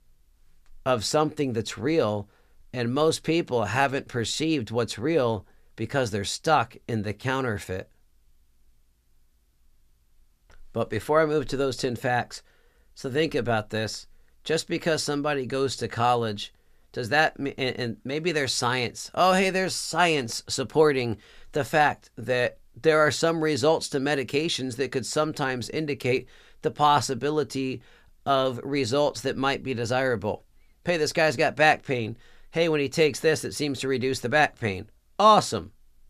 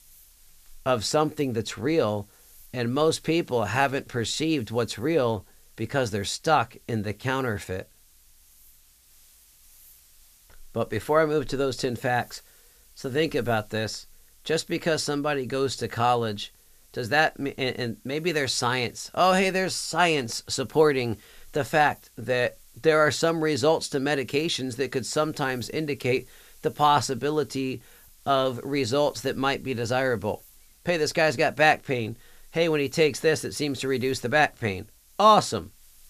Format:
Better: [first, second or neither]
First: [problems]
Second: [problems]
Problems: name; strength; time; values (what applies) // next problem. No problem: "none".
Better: first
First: none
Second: hiss; faint; throughout; 30 dB below the speech